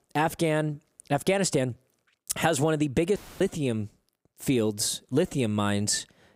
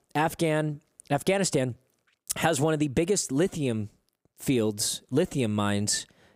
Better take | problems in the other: second | audio cutting out; filled with static; at 3 s

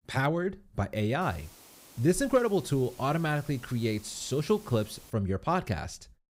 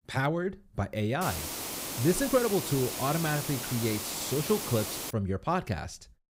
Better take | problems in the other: first | hiss; loud; from 1 to 5 s; 4 dB below the speech; faint in the first

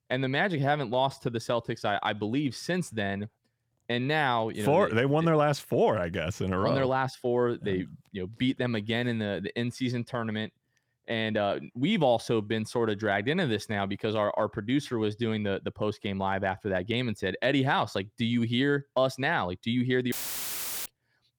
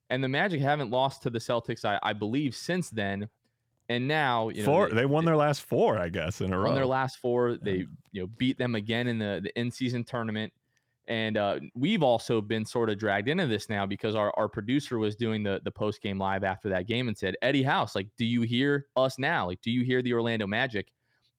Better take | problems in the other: second | audio cutting out; filled with static; at 20 s for 0.5 s

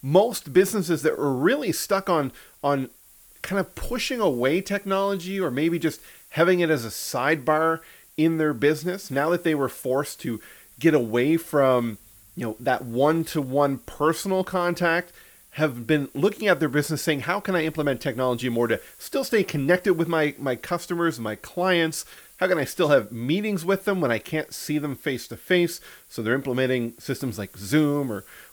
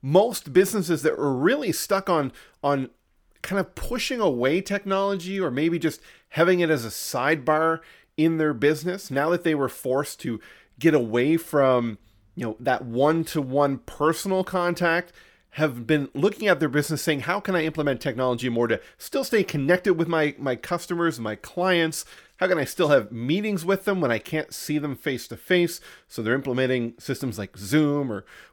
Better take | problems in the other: second | hiss; faint; throughout; 25 dB below the speech

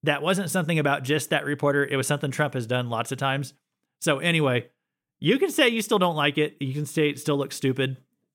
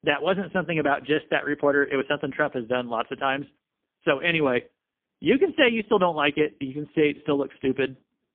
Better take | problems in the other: first | phone-call audio; poor line; nothing above 3.5 kHz

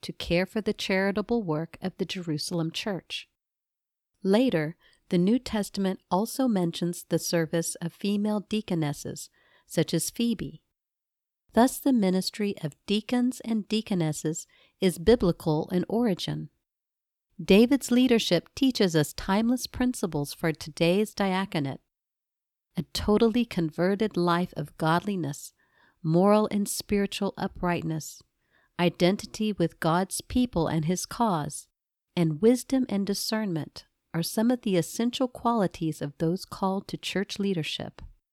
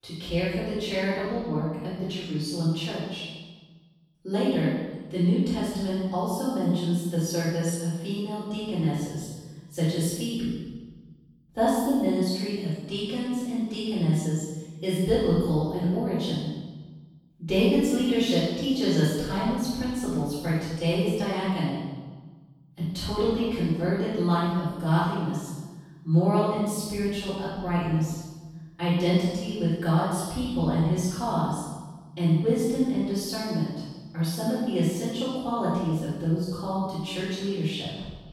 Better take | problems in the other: first | room echo; strong; dies away in 1.2 s // off-mic speech; far

